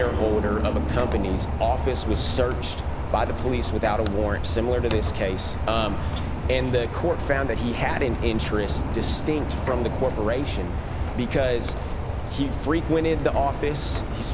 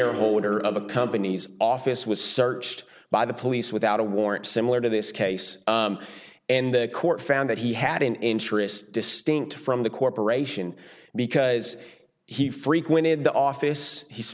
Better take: second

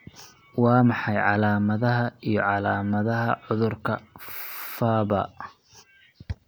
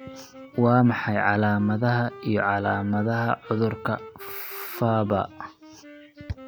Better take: first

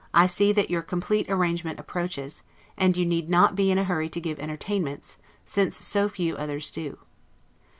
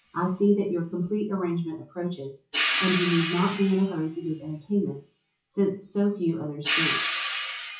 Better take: first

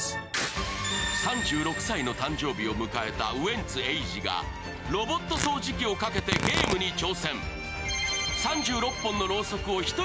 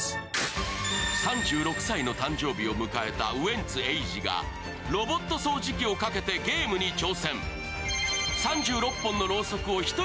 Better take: second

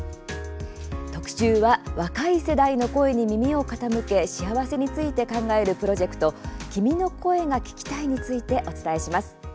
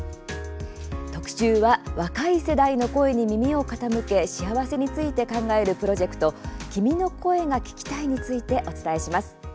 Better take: second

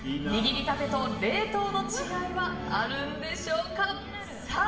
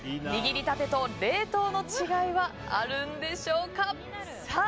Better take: second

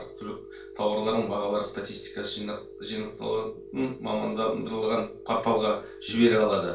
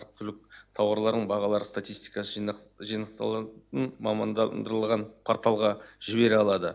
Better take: second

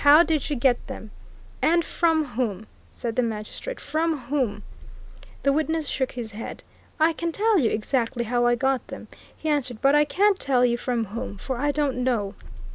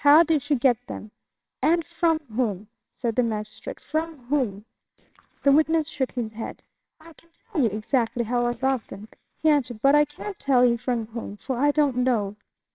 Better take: first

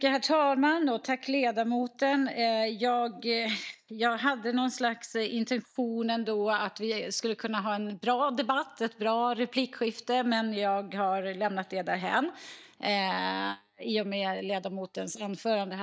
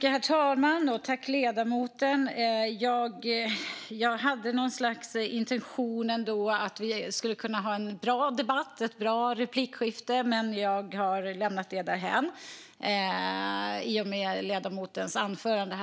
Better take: second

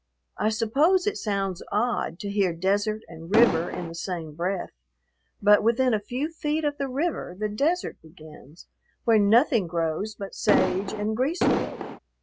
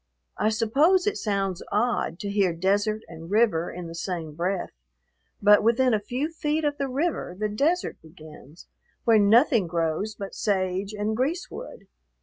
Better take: second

